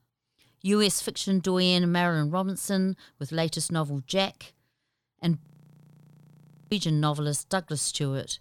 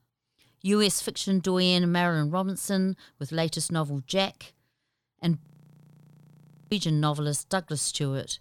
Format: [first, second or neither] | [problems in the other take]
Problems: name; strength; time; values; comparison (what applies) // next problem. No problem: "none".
neither | audio freezing; at 5.5 s for 1.5 s; the same in both